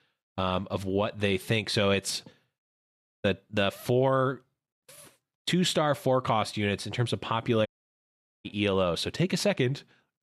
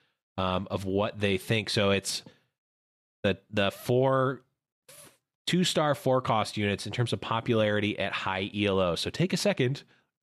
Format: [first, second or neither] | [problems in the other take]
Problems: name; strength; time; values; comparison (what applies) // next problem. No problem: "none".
second | audio cutting out; at 7.5 s for 1 s